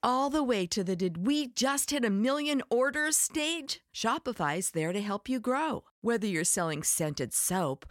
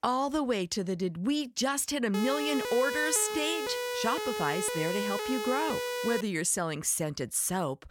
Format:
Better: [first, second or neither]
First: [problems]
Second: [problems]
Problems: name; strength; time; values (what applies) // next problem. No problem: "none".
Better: first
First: none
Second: siren; noticeable; from 2 to 6 s; peak 2 dB below the speech